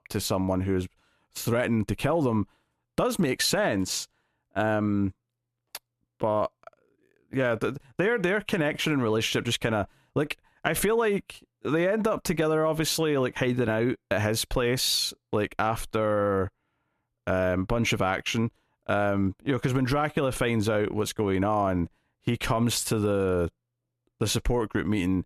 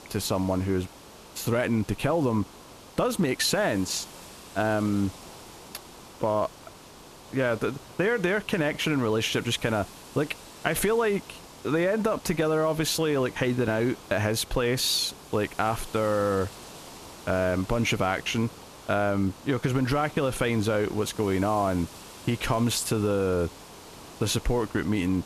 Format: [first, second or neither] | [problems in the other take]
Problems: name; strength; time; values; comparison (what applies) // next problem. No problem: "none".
first | hiss; noticeable; throughout; 20 dB below the speech